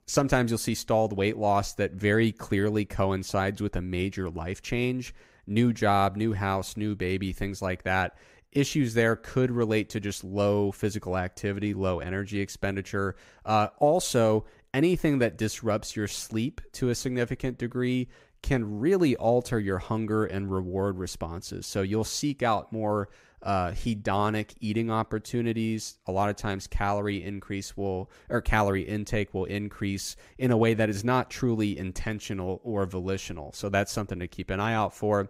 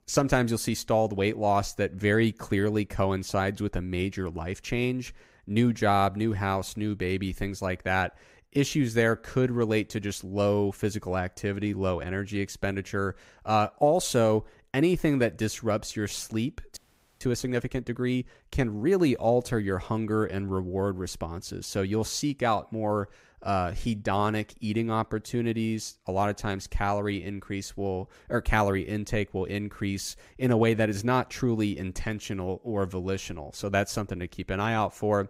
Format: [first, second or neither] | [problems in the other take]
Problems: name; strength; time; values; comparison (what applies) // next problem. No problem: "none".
first | audio freezing; at 17 s